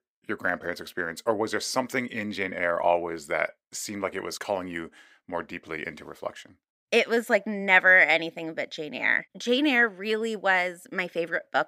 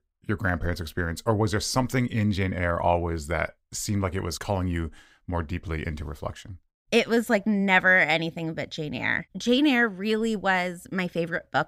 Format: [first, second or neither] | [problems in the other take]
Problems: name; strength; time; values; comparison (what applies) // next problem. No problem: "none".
second | thin; somewhat; fading below 350 Hz